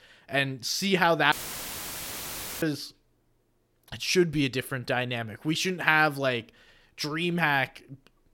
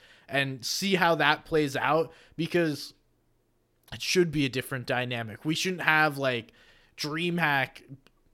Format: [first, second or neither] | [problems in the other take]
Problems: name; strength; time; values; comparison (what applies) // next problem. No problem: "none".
second | audio cutting out; filled with static; at 1.5 s for 1.5 s